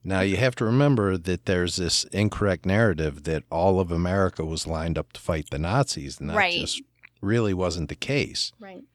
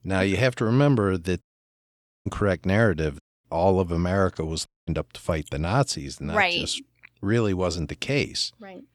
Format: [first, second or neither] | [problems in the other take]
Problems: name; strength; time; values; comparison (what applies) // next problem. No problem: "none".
first | audio cutting out; at 1.5 s for 1 s, at 3 s and at 4.5 s